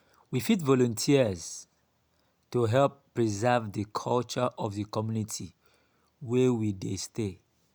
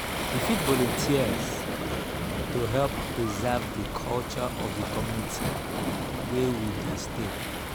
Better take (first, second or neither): first